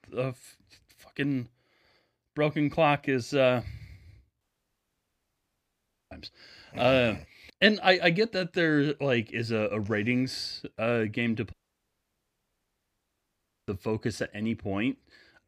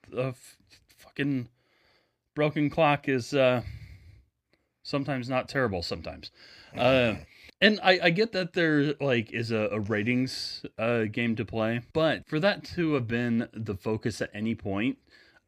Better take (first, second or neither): second